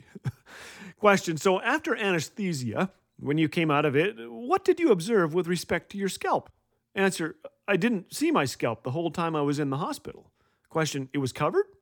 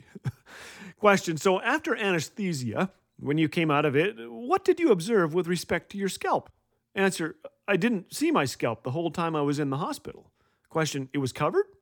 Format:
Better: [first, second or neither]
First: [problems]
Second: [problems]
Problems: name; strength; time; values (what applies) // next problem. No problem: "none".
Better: neither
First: none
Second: none